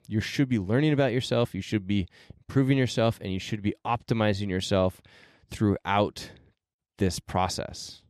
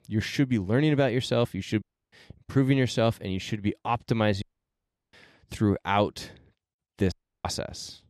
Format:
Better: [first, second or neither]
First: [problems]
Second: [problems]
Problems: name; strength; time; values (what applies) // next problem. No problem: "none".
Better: first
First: none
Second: audio cutting out; at 2 s, at 4.5 s for 0.5 s and at 7 s